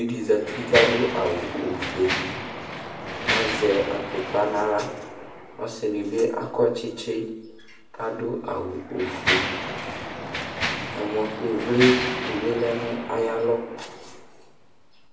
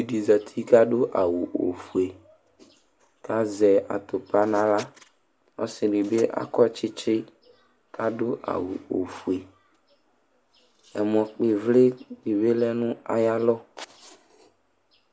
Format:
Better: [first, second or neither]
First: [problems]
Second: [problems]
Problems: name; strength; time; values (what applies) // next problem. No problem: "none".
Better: second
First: background sound (Mechanisms); 5 dB below the speech // room echo; dies away in 0.6 s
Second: none